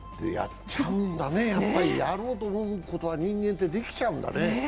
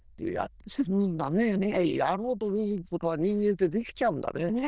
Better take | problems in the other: first | noise reduction (neural diffusion model UNIVERSE++)

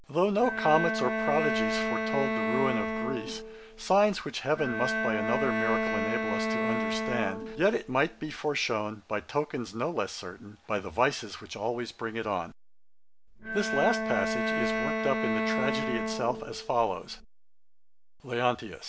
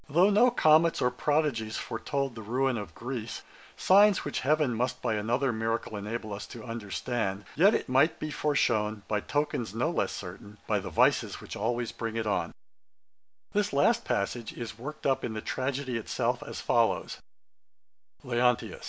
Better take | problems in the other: second | background sound (Bowed string instrument); as loud as the speech

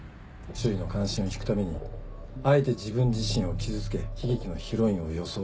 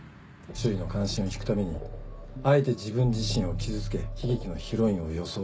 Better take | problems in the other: second | background sound (Aircraft); 20 dB below the speech

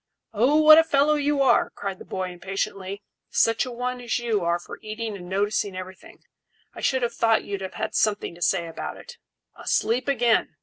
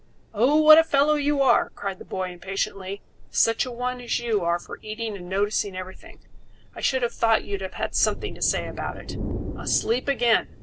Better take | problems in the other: first | background sound (Thunder); 11 dB below the speech

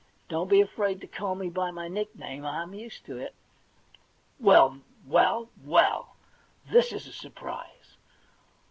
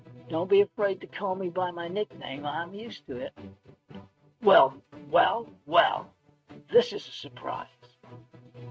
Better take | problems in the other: first | noise reduction (neural mask model RNNoise)

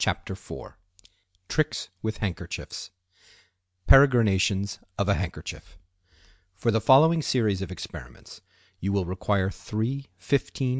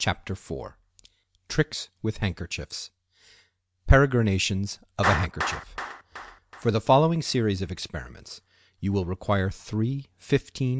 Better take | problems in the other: first | background sound (Clapping); 13 dB below the speech

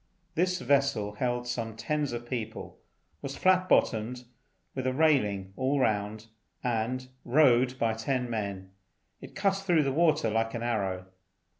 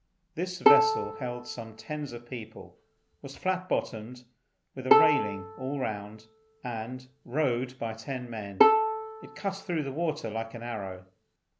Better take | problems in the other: first | background sound (Bowed string instrument); 4 dB above the speech

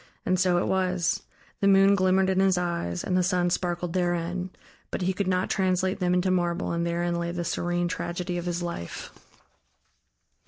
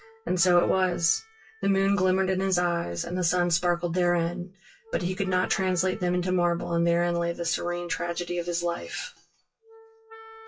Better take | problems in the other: first | noise reduction (classical method WPE with log-MMSE)

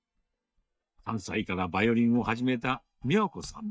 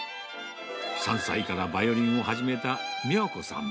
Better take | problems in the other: second | noise reduction (neural mask model DeepFilterNet 3)

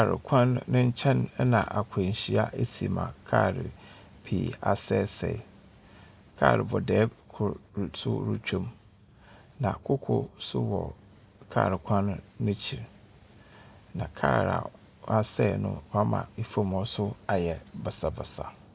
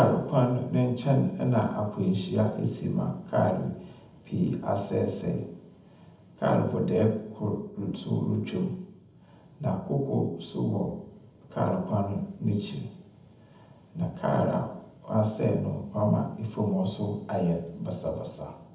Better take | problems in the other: first | room echo; dies away in 0.8 s

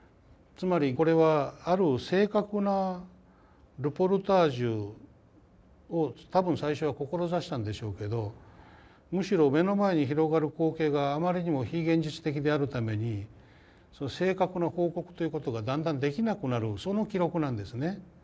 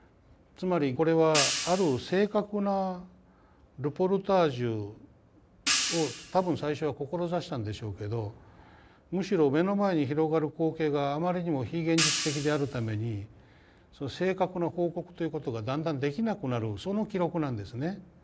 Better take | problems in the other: first | background sound (Hi-hat); 4 dB below the speech

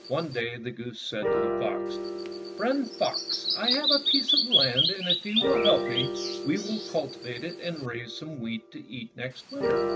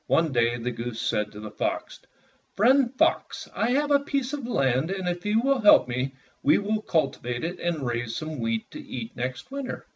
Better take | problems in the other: second | background sound (Piano + Bird vocalization, bird call, bird song); 2 dB above the speech

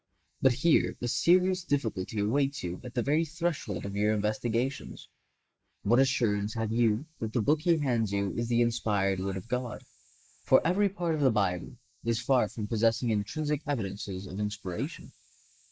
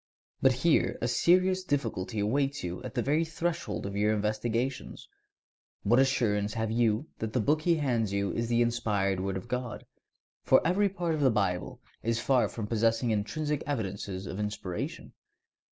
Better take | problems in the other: second | noise reduction (neural mask model Resemble Enhance denoiser)

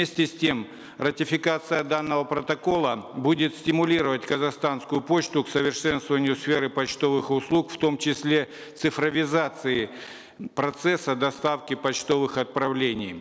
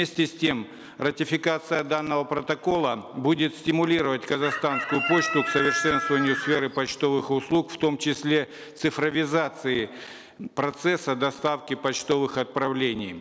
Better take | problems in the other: first | background sound (Chicken, rooster); 3 dB below the speech

